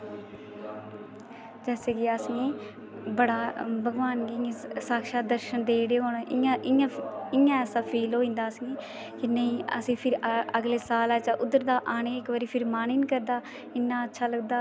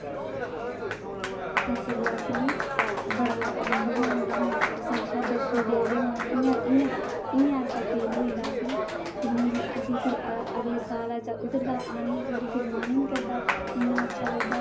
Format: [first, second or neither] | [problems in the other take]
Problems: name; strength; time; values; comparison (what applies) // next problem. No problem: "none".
first | background sound (Applause); 1 dB below the speech // room echo; dies away in 0.5 s